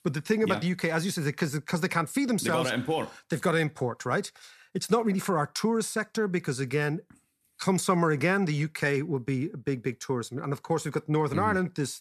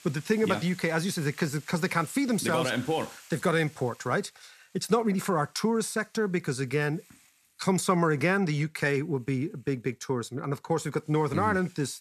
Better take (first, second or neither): first